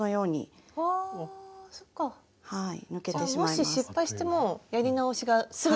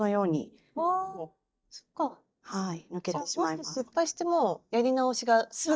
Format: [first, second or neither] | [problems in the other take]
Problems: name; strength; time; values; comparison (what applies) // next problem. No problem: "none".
first | noise reduction (neural mask model DeepFilterNet 3)